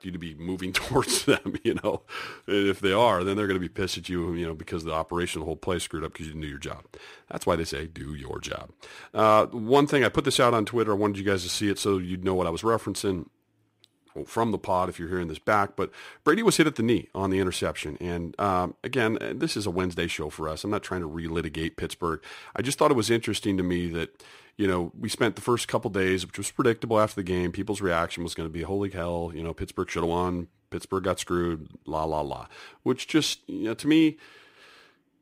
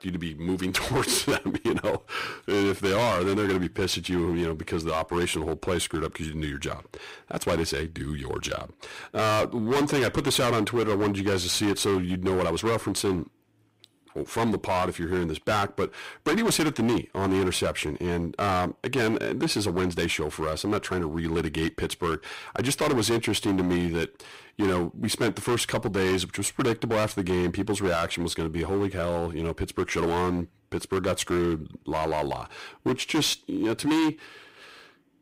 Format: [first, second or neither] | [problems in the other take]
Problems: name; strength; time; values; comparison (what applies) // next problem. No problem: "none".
first | distortion; heavy; 13% of the sound clipped